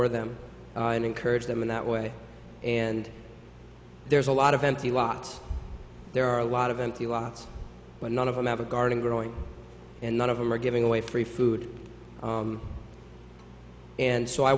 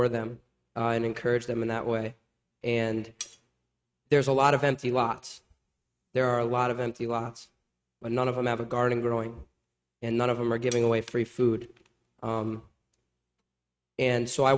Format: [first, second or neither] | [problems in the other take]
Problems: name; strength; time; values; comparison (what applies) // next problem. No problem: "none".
first | noise reduction (neural mask model RNNoise)